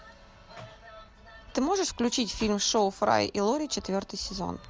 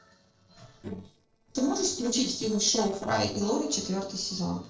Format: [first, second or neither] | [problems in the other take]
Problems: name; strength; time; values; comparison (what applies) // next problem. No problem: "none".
first | noise reduction (neural separator model SepFormer DNS4)